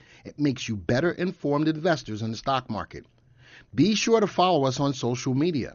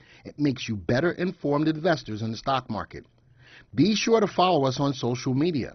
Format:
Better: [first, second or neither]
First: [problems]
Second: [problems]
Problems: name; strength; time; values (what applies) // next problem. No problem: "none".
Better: first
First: garbled, watery; slightly; nothing above 6.5 kHz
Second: garbled, watery; badly; nothing above 6 kHz